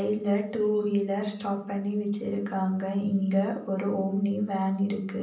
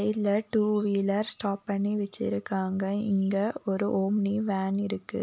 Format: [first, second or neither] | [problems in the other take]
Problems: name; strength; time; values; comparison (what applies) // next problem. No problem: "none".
second | room echo; dies away in 0.6 s